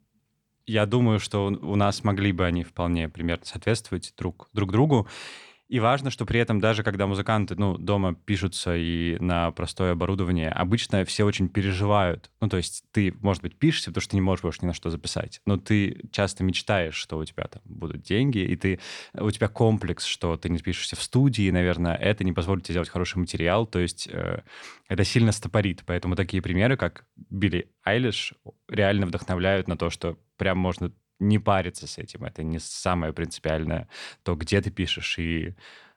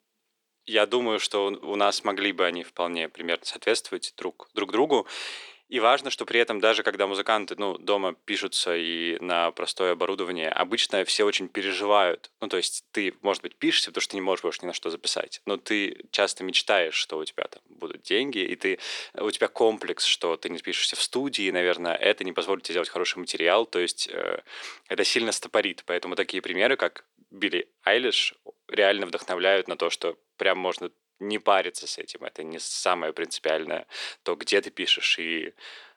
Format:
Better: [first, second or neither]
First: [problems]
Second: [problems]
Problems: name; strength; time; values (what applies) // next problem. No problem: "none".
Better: first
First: none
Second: thin; very; fading below 350 Hz